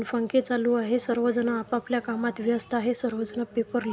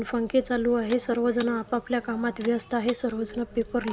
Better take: first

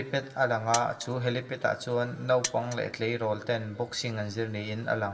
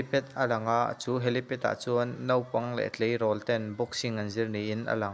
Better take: second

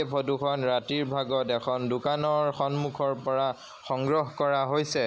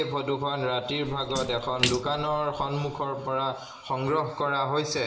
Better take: first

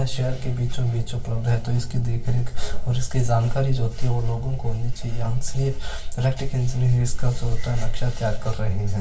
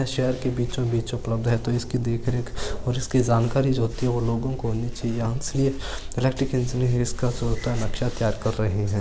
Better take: second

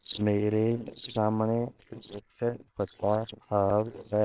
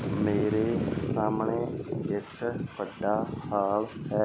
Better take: second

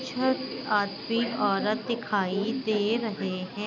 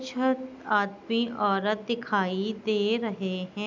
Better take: second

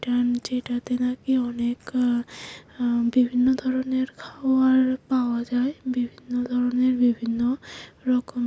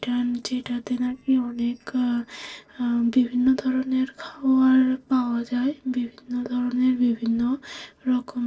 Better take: first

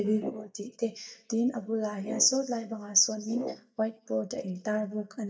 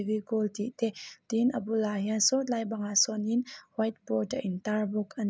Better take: second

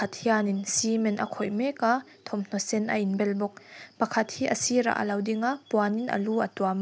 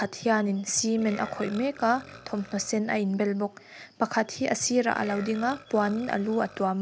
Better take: first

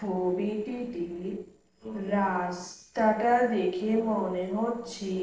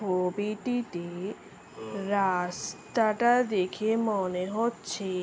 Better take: second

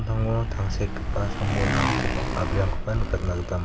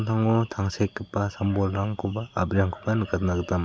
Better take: second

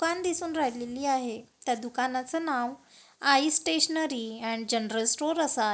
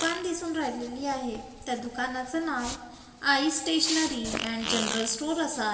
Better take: first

